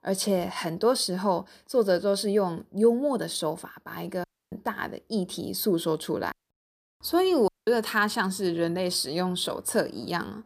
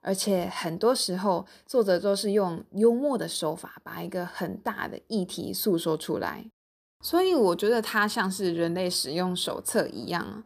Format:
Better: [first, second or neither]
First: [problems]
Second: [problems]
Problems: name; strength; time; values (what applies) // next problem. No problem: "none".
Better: second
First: audio cutting out; at 4 s, at 6.5 s and at 7.5 s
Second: none